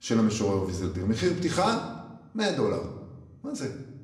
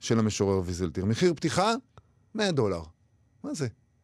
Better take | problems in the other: second | room echo; slight; dies away in 0.7 s // off-mic speech; somewhat distant

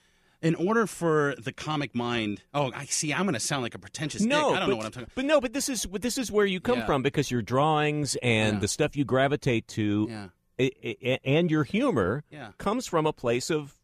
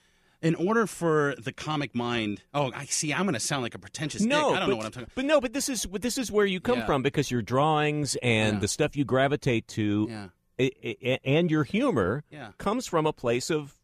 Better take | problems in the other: neither | none

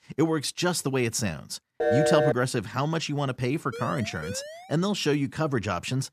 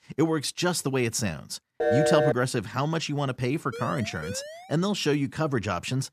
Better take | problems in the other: neither | phone ringing; loud; at 2 s; peak 5 dB above the speech; the same in both // siren; faint; at 3.5 s; peak 10 dB below the speech; the same in both

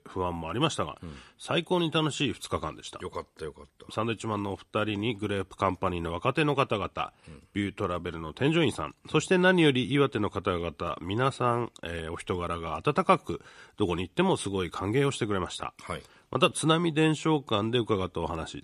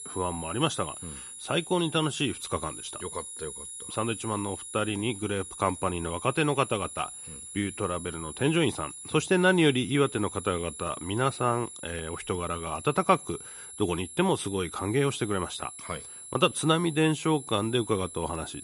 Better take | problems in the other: first | high-pitched whine; noticeable; throughout; 10.5 kHz, 10 dB below the speech

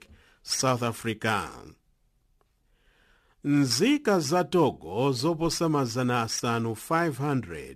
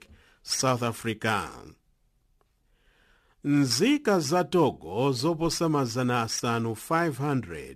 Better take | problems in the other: neither | none

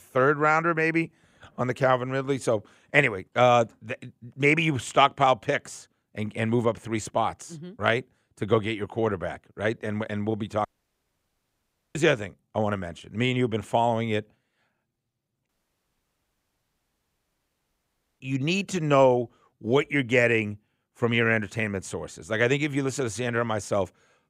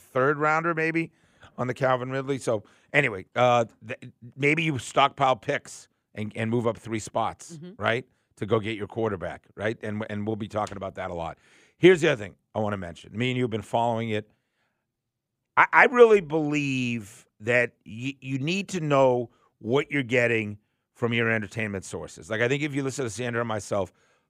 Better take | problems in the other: second | audio cutting out; at 11 s for 1.5 s and at 15 s for 2.5 s

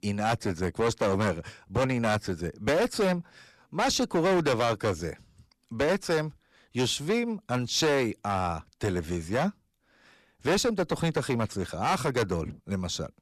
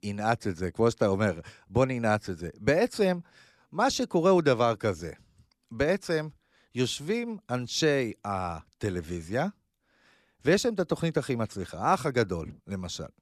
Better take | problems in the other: second | distortion; heavy; 10% of the sound clipped

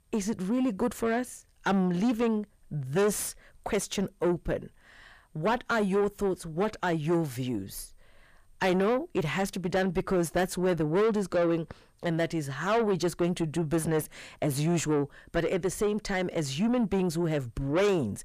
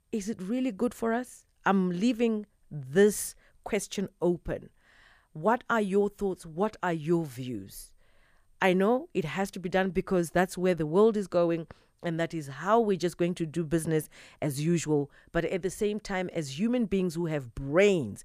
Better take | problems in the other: second | distortion; heavy; 7 dB below the speech

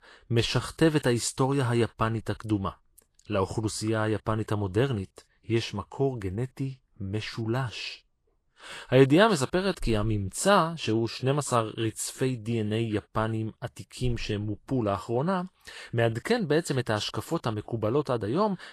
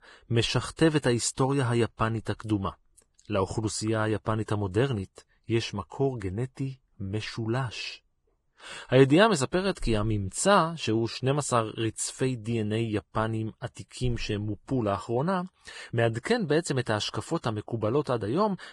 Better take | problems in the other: first | garbled, watery; badly; nothing above 10 kHz; slightly in the first

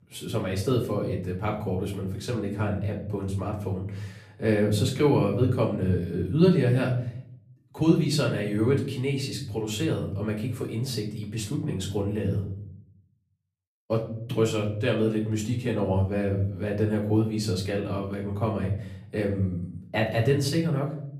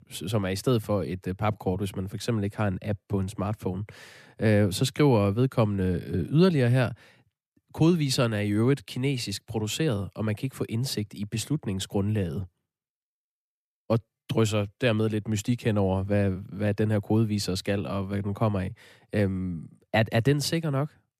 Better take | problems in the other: second | off-mic speech; far // room echo; slight; dies away in 0.6 s

